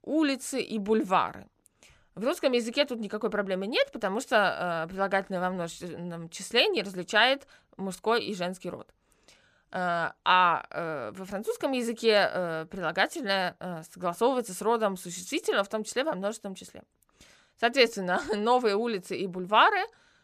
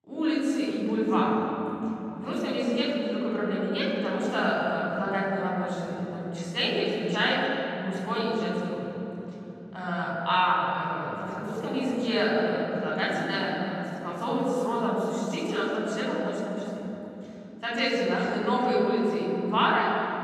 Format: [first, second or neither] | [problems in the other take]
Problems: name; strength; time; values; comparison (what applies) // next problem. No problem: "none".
first | room echo; strong; dies away in 3 s // off-mic speech; far